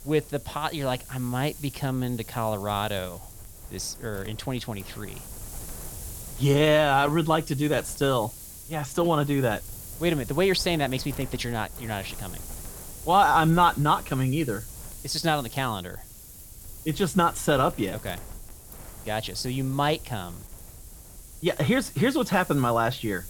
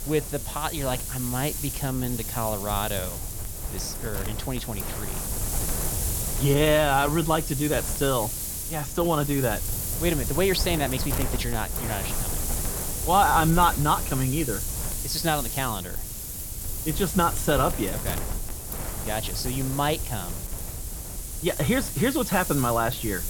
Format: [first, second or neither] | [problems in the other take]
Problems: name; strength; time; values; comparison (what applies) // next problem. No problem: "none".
first | wind noise on the microphone; heavy; 9 dB below the speech; occasional gusts in the first